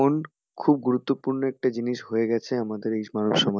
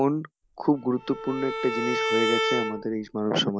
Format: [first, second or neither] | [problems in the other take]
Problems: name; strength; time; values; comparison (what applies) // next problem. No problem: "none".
first | background sound (Bowed string instrument); 3 dB below the speech